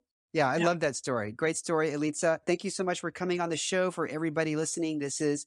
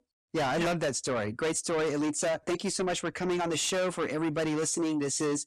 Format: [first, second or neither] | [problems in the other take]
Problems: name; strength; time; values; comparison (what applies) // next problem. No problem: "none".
first | distortion; heavy; 7 dB below the speech